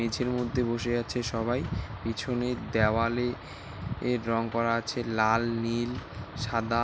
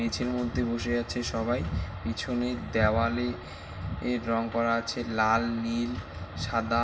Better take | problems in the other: first | room echo; dies away in 0.7 s

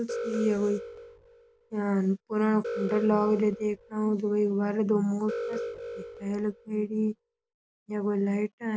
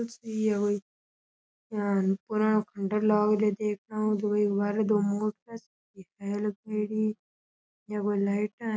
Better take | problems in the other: second | background sound (Alarm); 10 dB below the speech

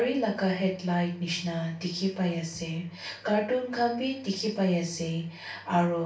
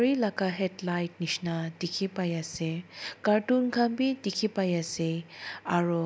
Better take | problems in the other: second | room echo; dies away in 0.3 s

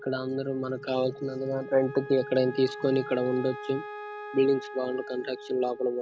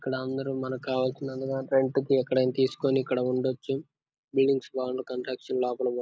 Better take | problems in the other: second | background sound (Wind instrument, woodwind instrument); 13 dB below the speech

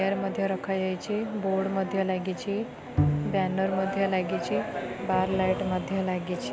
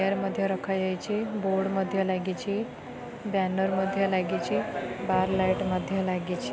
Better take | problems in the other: second | background sound (Bowed string instrument); 5 dB below the speech

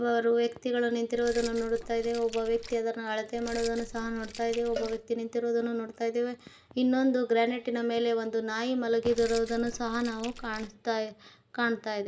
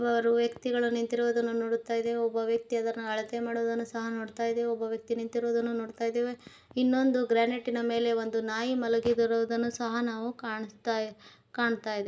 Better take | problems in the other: second | background sound (Keys jangling + Cowbell); 15 dB below the speech

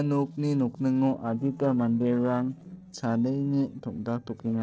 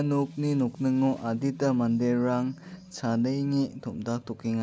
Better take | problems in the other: second | noise reduction (neural separator model SepFormer DNS4)

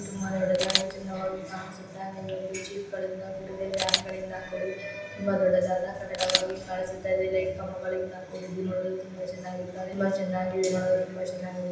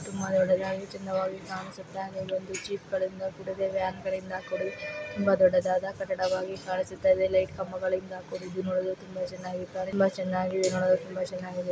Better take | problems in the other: second | background sound (Camera); 3 dB below the speech // room echo; dies away in 0.9 s

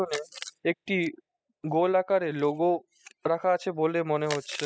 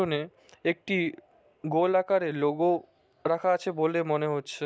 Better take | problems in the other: second | noise reduction (classical method spectral subtraction)

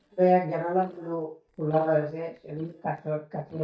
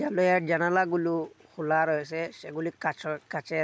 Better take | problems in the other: second | noise reduction (neural mask model DeepFilterNet 3)

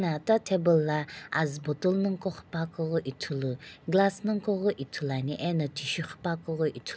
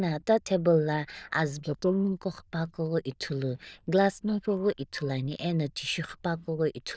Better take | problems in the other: first | noise reduction (neural diffusion model UNIVERSE++)

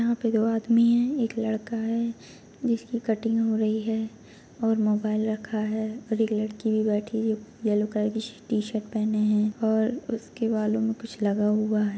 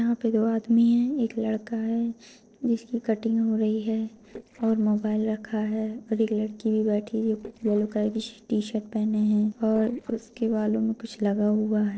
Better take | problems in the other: first | noise reduction (neural separator model SepFormer DNS4)

